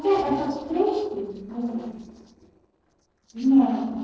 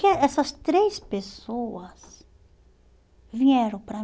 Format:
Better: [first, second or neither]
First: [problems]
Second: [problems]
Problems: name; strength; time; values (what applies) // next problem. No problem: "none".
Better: second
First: noise reduction (neural separator model SepFormer DNS4)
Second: none